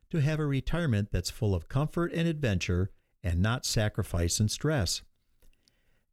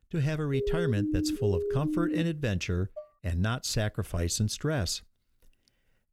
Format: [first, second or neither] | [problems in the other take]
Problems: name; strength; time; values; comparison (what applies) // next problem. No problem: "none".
first | siren; loud; until 2 s; peak level with the speech // clattering dishes; faint; at 3 s; peak 15 dB below the speech